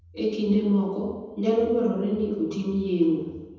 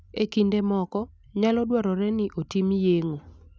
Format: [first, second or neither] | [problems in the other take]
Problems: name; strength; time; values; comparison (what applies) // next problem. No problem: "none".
second | room echo; dies away in 1.1 s